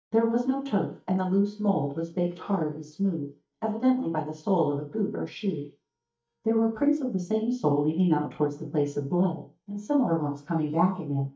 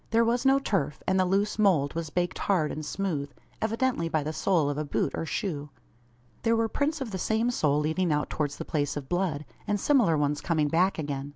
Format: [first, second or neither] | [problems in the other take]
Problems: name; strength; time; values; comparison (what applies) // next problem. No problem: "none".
second | noise reduction (neural mask model DeepFilterNet 3)